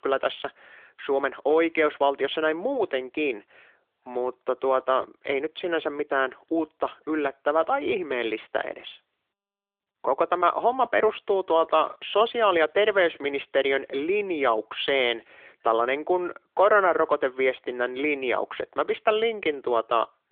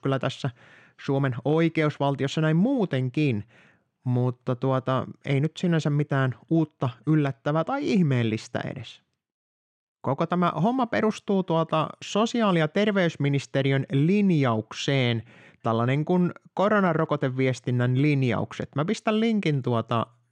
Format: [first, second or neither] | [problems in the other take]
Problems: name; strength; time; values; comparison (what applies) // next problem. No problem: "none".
second | phone-call audio; nothing above 3.5 kHz